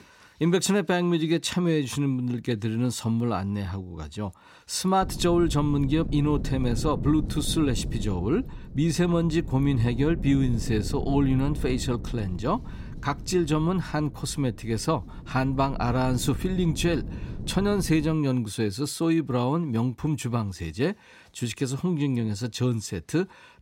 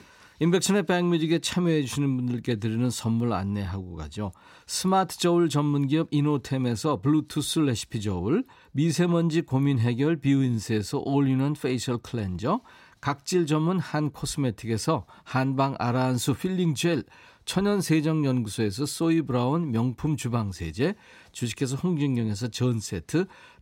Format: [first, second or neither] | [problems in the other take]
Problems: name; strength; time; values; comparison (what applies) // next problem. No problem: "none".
second | wind noise on the microphone; occasional gusts; from 5 to 18 s; 15 dB below the speech